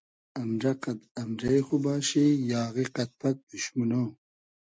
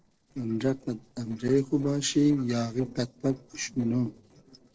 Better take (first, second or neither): first